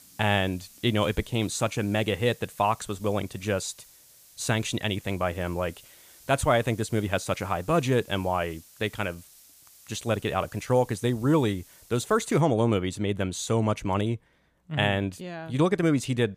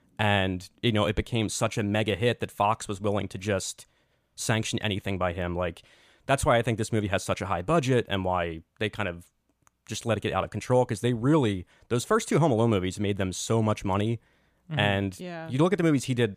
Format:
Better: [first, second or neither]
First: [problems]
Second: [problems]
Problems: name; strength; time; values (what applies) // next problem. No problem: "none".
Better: second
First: hiss; faint; until 12 s; 25 dB below the speech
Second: none